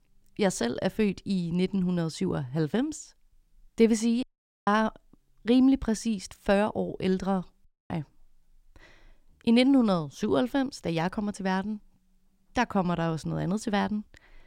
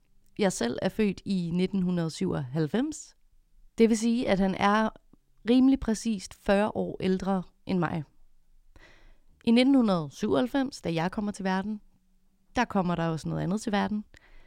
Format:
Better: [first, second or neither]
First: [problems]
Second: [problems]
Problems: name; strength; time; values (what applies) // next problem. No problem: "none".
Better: second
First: audio cutting out; at 4 s and at 7.5 s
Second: none